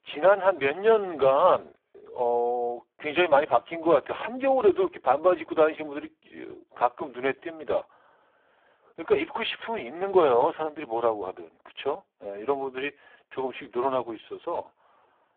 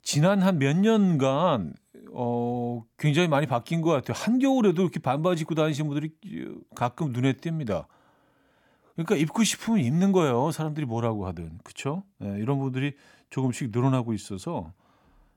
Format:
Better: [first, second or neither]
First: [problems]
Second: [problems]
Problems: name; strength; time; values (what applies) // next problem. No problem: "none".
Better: second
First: phone-call audio; poor line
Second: none